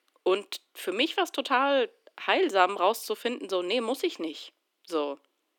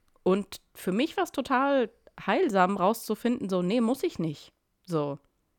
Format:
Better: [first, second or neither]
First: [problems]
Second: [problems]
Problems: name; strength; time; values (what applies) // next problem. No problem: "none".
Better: second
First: thin; somewhat; fading below 300 Hz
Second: none